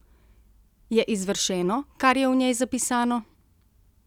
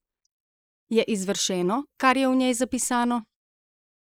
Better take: first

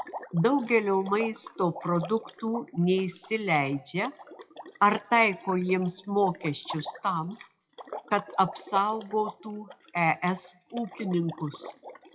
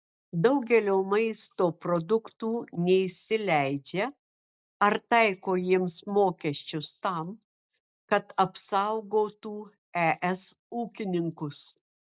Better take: second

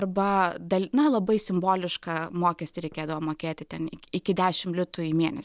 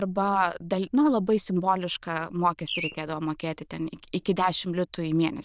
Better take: first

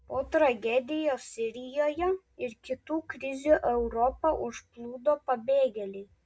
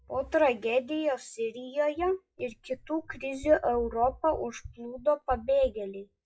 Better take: first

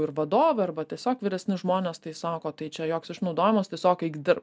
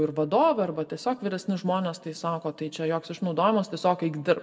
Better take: first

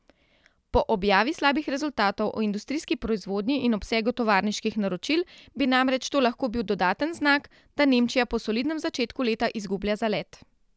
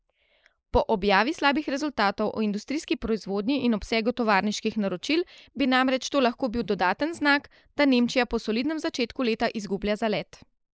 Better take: first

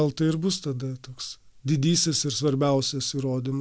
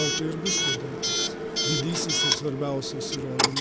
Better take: first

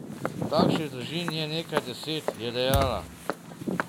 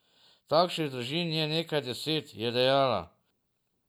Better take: second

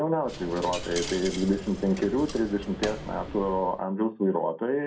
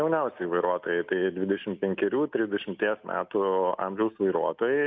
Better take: second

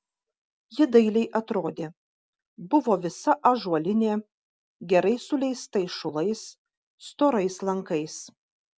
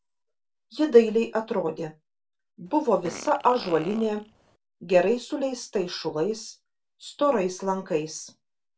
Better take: first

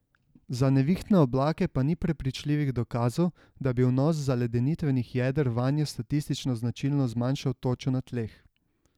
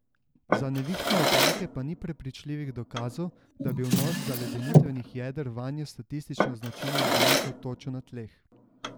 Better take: first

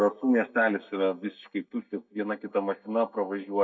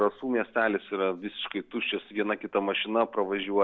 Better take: second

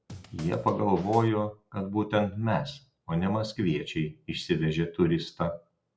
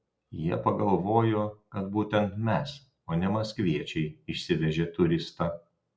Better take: second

